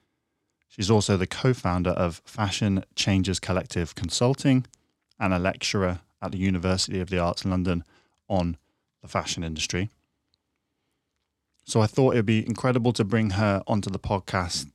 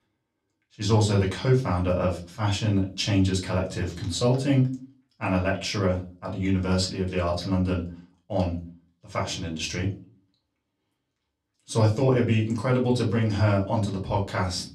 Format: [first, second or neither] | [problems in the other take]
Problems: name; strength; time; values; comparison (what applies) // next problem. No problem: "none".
first | off-mic speech; far // room echo; very slight; dies away in 0.3 s